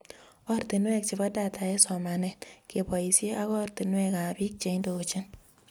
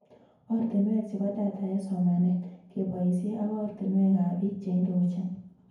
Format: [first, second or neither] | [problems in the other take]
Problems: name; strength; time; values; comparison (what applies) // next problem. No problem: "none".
first | room echo; dies away in 0.9 s